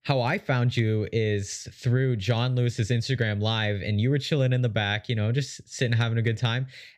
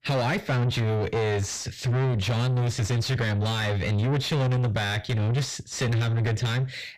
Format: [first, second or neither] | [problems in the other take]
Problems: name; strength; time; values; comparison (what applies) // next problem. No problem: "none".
first | distortion; heavy; 5 dB below the speech